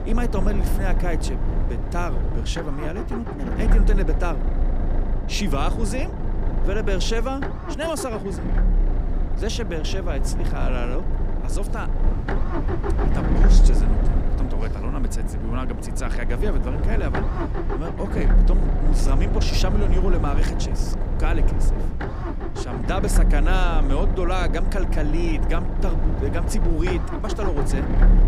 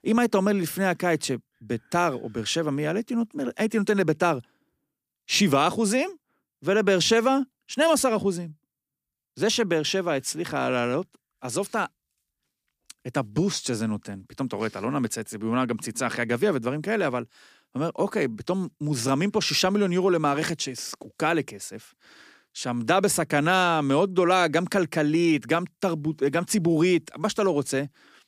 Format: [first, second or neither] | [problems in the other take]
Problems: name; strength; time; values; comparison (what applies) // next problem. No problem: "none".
second | low rumble; loud; throughout; 3 dB below the speech